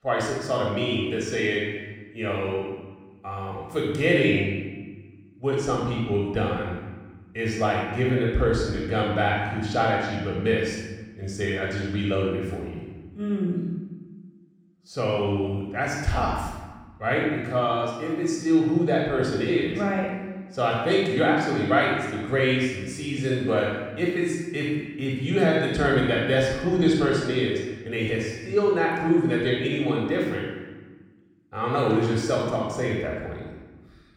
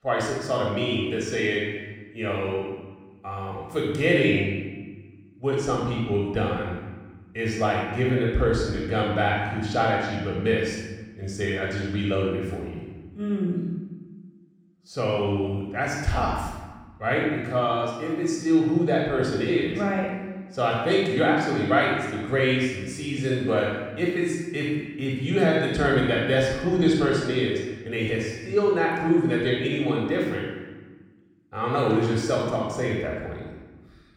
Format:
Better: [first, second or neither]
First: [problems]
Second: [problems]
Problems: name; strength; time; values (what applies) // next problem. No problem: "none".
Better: neither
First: off-mic speech; far // room echo; strong; dies away in 1.2 s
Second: off-mic speech; far // room echo; strong; dies away in 1.2 s